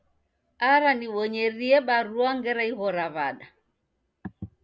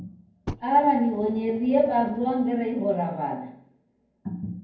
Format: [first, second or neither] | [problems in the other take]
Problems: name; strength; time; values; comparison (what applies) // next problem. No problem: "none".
first | background sound (Fire); 17 dB below the speech // room echo; dies away in 0.9 s